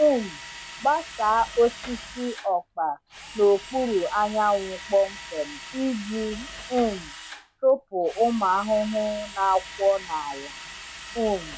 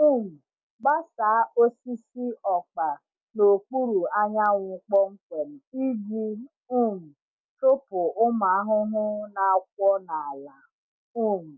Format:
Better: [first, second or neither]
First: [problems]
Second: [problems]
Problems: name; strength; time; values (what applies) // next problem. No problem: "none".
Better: second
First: background sound (Drill); 15 dB below the speech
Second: none